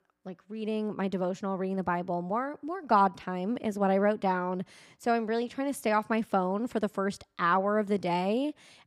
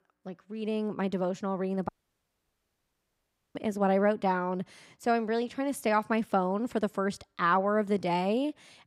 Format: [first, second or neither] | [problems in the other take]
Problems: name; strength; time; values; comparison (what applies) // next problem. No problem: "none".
first | audio cutting out; at 2 s for 1.5 s